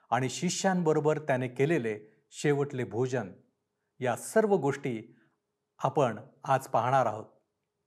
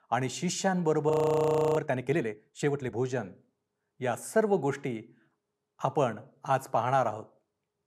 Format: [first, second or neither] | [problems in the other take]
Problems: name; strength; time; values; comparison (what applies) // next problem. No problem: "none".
first | audio freezing; at 1 s for 0.5 s